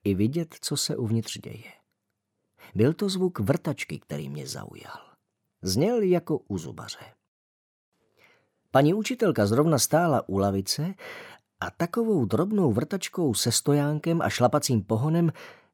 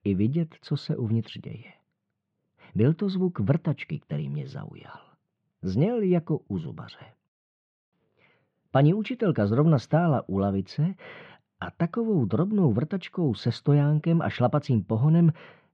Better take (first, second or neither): first